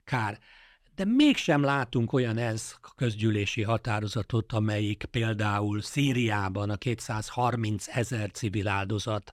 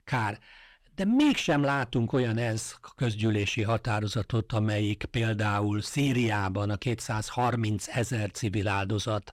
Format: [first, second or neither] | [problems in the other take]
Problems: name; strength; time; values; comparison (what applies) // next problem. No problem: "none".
first | distortion; slight; 10 dB below the speech